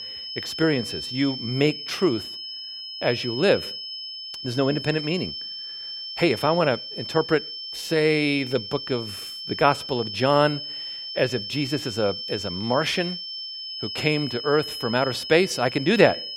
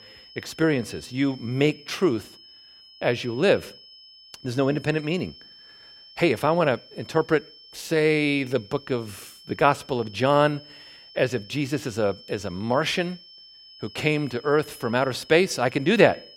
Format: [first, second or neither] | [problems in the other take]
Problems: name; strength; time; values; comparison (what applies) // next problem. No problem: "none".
second | high-pitched whine; loud; throughout; 5.5 kHz, 8 dB below the speech; faint in the second